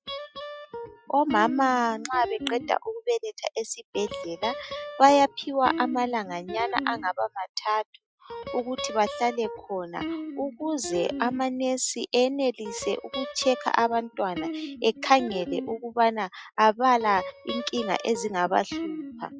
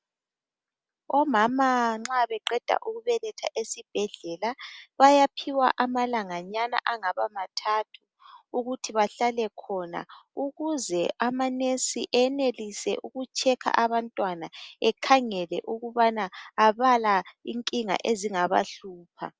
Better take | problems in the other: second | noise reduction (classical method Wiener filter)

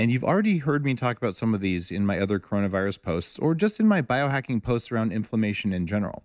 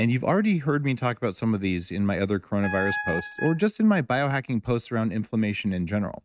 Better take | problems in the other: first | noise reduction (neural mask model RNNoise)

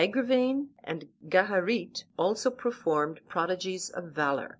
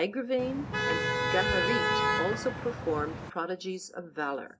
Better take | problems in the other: first | background sound (Motor vehicle (road)); 3 dB above the speech // room echo; dies away in 0.3 s

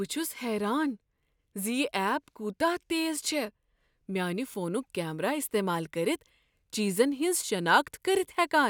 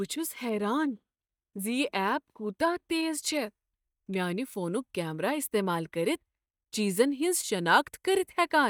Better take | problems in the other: first | noise reduction (neural mask model DeepFilterNet 3)

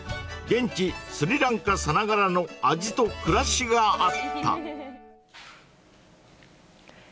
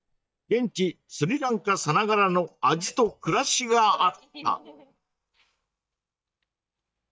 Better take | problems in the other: first | noise reduction (neural mask model DeepFilterNet 3)

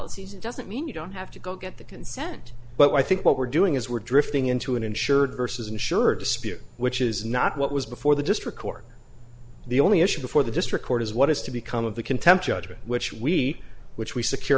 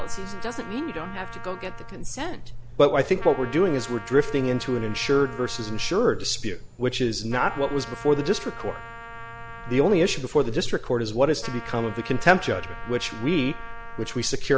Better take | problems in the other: first | background sound (Trumpet); 17 dB below the speech

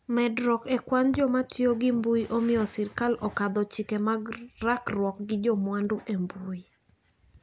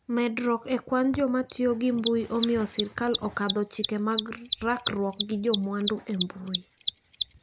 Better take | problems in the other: first | background sound (Mechanisms); 8 dB below the speech

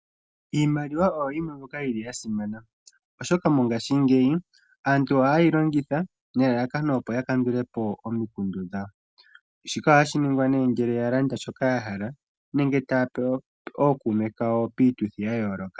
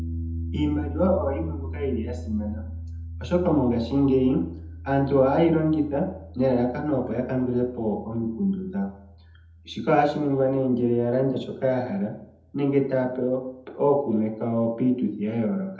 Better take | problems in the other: first | background sound (Piano); 13 dB below the speech // room echo; dies away in 0.7 s

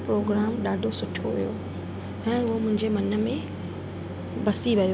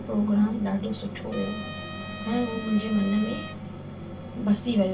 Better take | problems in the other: first | background sound (Trumpet); 13 dB below the speech // room echo; dies away in 0.2 s

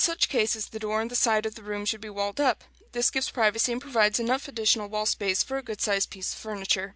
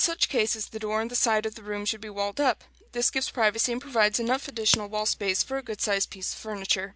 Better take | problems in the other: first | background sound (Crack); 11 dB below the speech

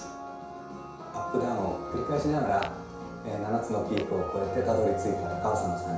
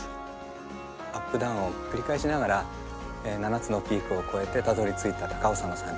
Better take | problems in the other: second | background sound (Tap / Glass); 18 dB below the speech // room echo; dies away in 0.6 s

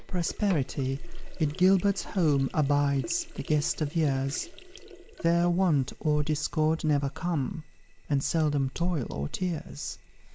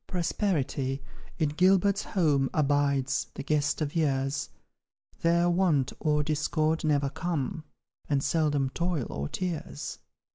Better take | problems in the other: second | background sound (Sink (filling or washing)); 19 dB below the speech

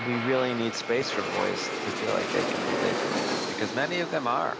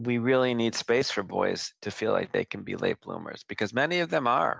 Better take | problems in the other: second | background sound (Aircraft); 1 dB below the speech

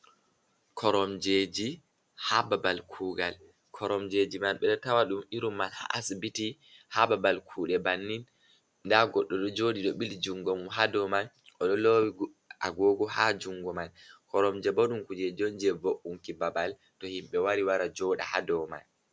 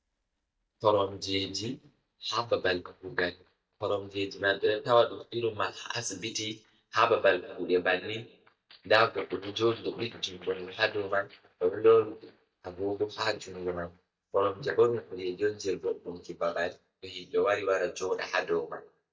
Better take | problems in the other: first | noise reduction (neural mask model DeepFilterNet 3)

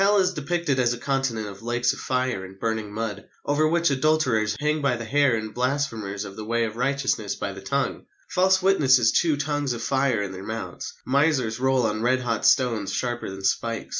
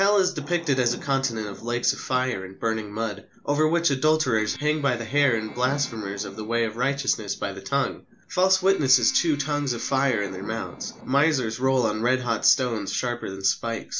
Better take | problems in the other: first | background sound (Keyboard (musical) + Thunder); 20 dB below the speech

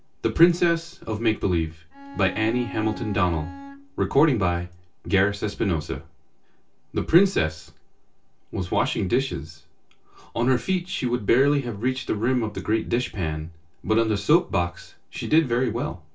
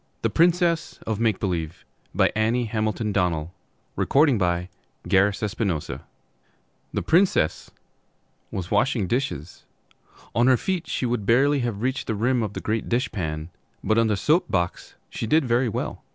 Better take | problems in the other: second | background sound (Bowed string instrument); 13 dB below the speech // room echo; dies away in 0.2 s

